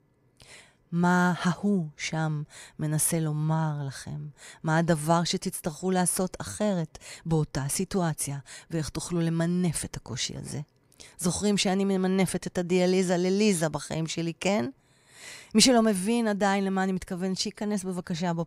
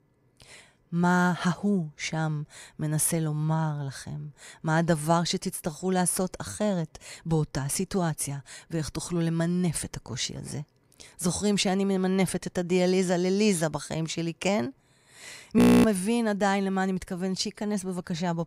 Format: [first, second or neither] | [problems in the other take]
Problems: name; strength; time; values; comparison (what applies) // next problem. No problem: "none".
first | audio freezing; at 16 s